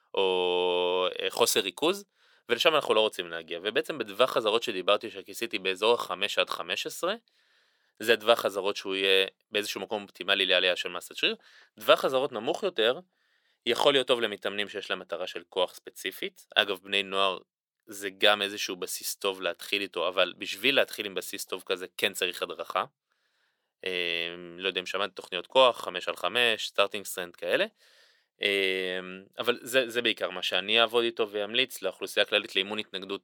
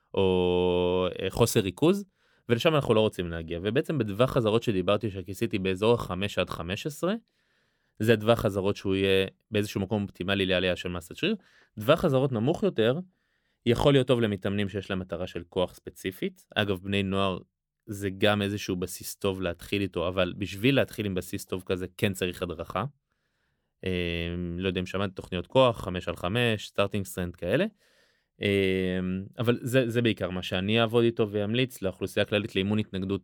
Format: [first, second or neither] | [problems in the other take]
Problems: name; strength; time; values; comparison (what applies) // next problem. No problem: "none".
second | thin; very; fading below 550 Hz